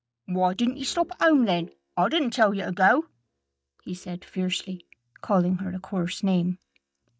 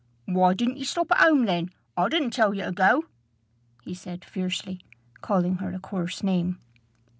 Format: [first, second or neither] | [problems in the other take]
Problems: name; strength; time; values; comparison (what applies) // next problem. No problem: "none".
second | noise reduction (neural mask model DeepFilterNet 3)